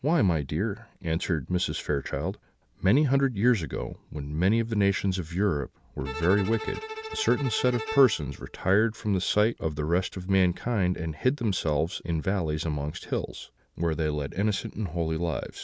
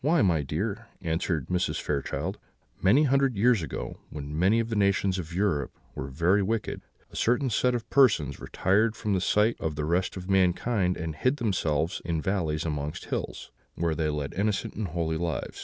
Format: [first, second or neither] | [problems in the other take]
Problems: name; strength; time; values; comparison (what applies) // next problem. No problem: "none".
second | background sound (Bowed string instrument); 12 dB below the speech